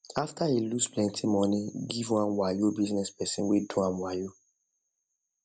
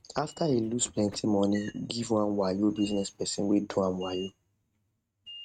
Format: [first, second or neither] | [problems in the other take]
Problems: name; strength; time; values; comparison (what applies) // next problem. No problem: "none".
first | noise reduction (neural mask model RNNoise)